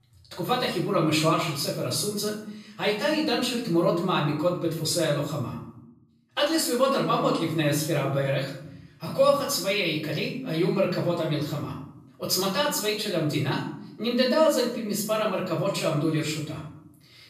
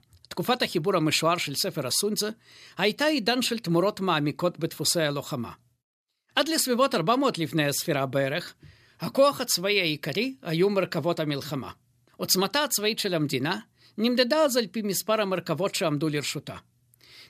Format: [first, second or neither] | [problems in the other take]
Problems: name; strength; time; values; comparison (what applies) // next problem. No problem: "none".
second | room echo; noticeable; dies away in 0.7 s // off-mic speech; far